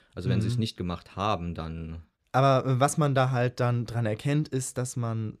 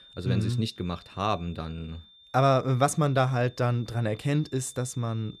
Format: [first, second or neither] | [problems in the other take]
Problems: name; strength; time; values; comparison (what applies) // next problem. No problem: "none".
first | high-pitched whine; faint; throughout; 3.5 kHz, 25 dB below the speech